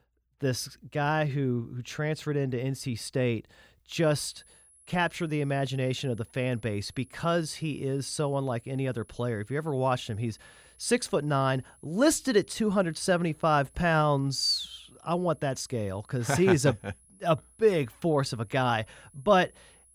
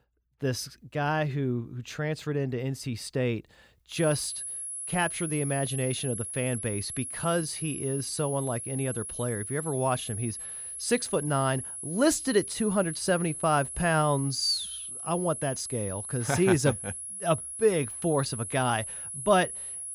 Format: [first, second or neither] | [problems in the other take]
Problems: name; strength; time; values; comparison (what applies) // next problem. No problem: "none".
first | high-pitched whine; loud; from 4 s on; 10.5 kHz, 6 dB below the speech; faint in the first